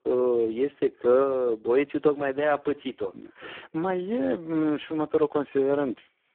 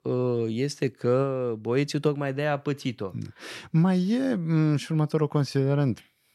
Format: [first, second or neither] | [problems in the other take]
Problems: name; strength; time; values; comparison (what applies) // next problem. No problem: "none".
second | phone-call audio; poor line